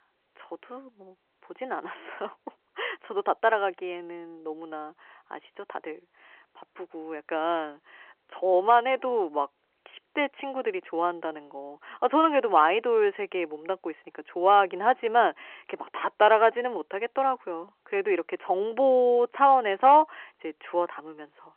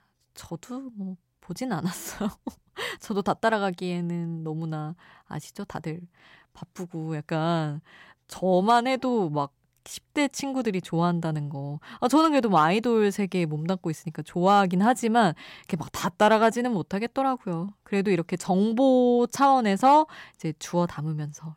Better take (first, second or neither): second